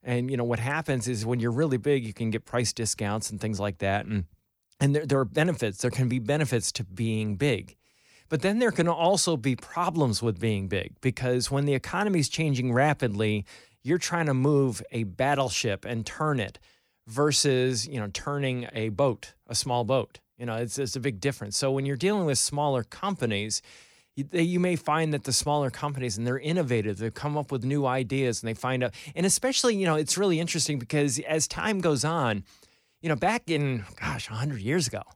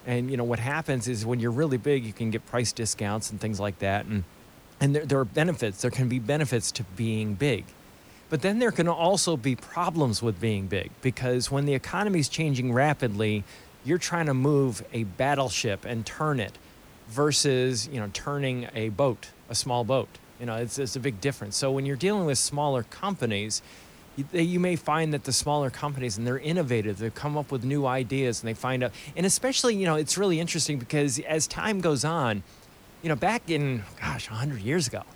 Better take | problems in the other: first | hiss; faint; throughout; 25 dB below the speech

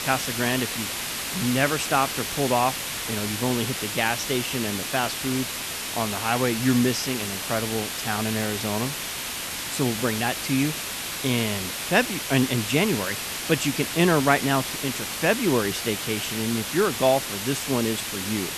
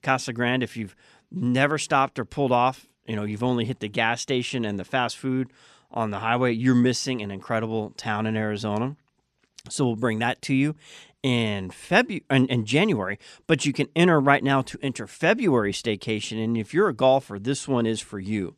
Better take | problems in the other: second | hiss; loud; throughout; 3 dB below the speech

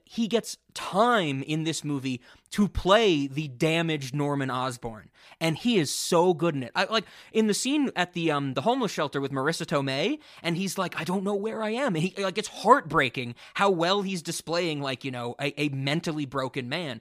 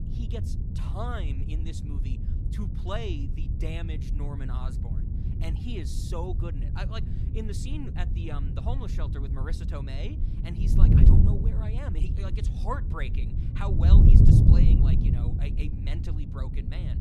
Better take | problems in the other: first | wind noise on the microphone; heavy; 1 dB above the speech

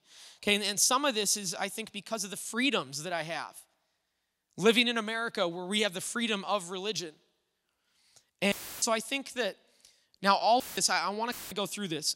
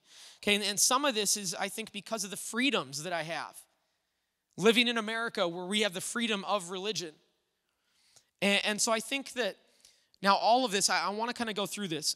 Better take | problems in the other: second | audio cutting out; filled with static; at 8.5 s and at 11 s

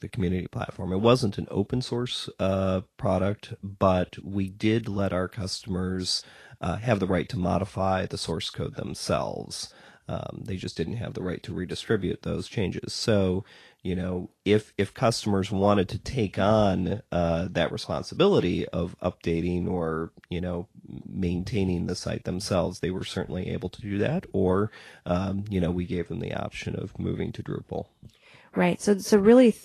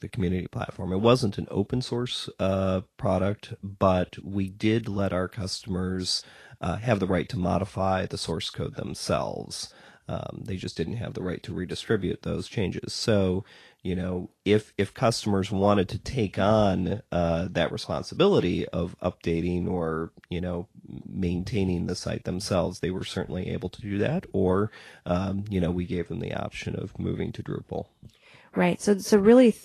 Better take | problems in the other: neither | garbled, watery; slightly; nothing above 12.5 kHz; the same in both

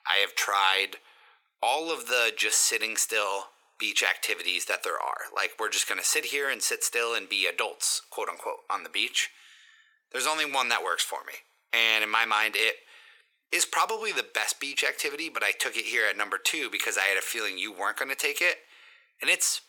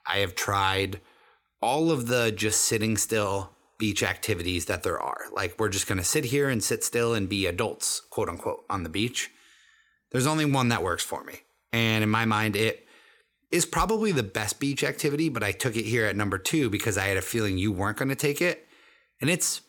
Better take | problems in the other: second | thin; very; fading below 550 Hz

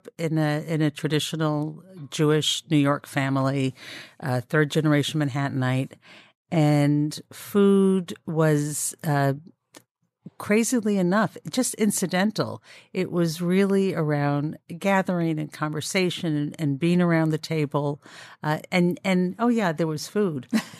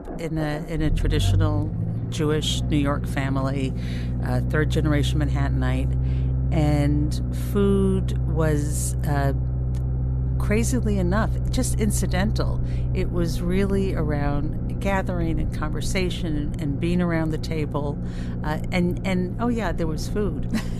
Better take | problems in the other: first | low rumble; loud; throughout; 9 dB below the speech

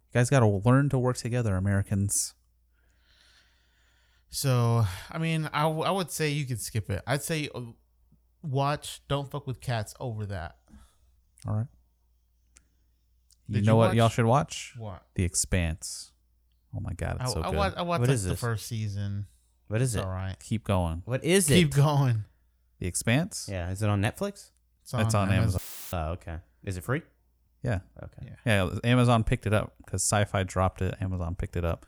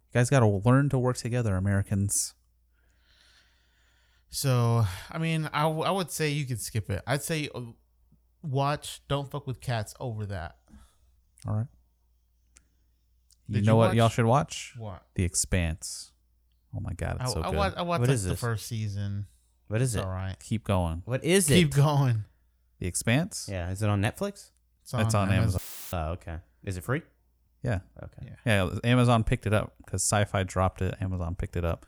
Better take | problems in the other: neither | audio cutting out; filled with static; at 26 s; the same in both

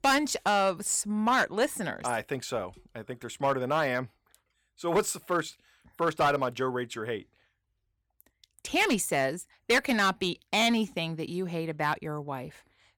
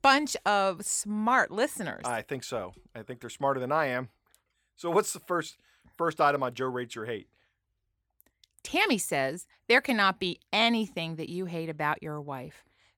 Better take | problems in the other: second | distortion; slight; 3% of the sound clipped

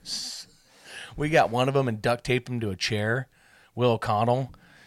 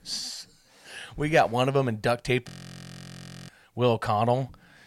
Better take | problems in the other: first | audio freezing; at 2.5 s for 1 s

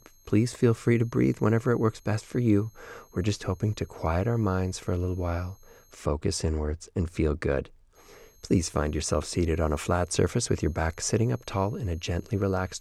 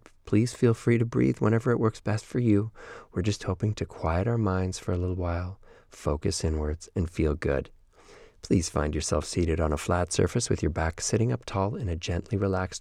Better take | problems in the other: second | high-pitched whine; faint; until 6 s and from 8 s on; 6.5 kHz, 30 dB below the speech

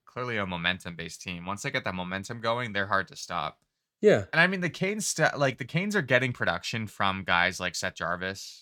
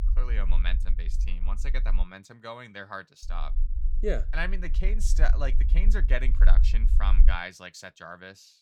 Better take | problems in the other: first | low rumble; noticeable; until 2 s and from 3 to 7.5 s; 15 dB below the speech

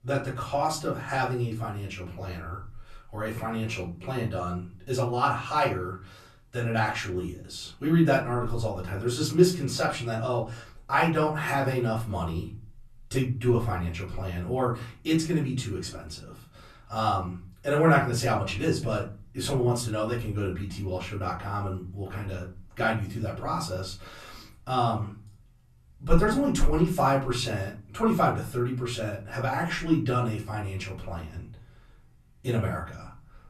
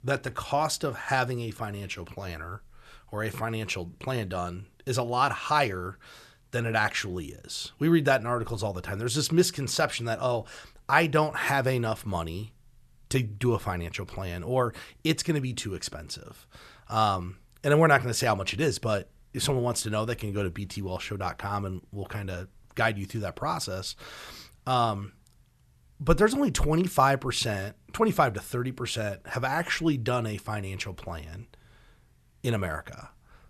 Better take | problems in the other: second | off-mic speech; far // room echo; slight; dies away in 0.4 s

